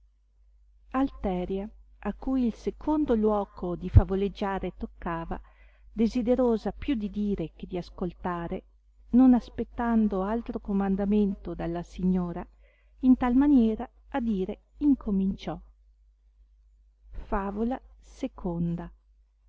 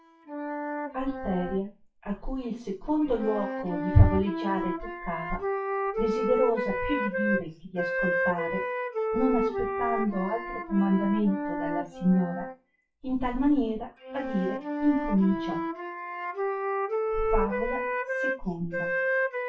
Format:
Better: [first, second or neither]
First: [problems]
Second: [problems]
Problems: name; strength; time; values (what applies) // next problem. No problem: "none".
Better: first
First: none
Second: noise reduction (classical method WPE with log-MMSE)